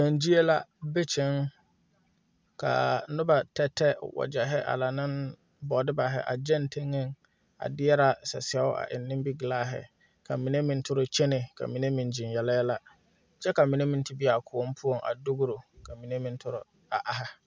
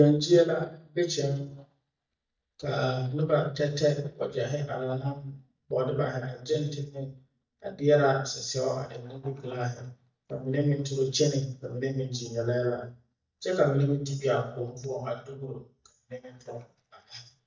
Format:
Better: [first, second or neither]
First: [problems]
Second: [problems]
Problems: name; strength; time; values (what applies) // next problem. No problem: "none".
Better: first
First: none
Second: noise reduction (neural mask model DeepFilterNet 3)